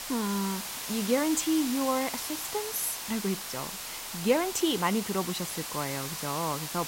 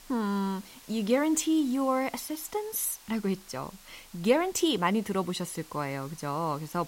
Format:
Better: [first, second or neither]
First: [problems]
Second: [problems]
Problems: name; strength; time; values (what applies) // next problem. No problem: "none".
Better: second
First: hiss; loud; throughout; 4 dB below the speech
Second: hiss; faint; throughout; 20 dB below the speech